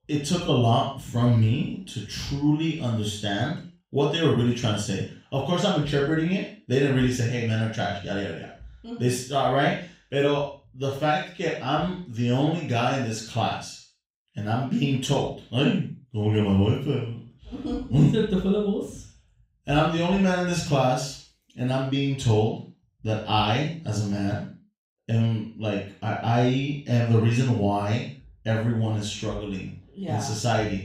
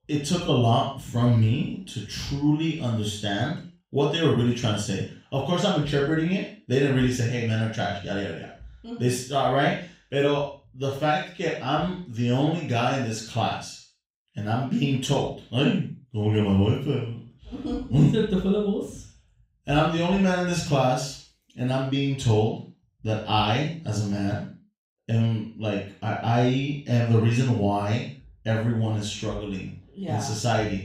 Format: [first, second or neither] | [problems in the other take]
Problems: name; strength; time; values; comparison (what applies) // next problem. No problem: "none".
neither | room echo; noticeable; dies away in 0.4 s; the same in both // off-mic speech; far; the same in both